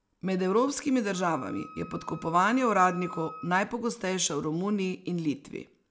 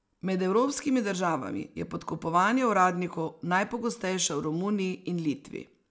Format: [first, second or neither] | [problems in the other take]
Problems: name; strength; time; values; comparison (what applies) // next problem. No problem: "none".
second | background sound (Wind instrument, woodwind instrument); 17 dB below the speech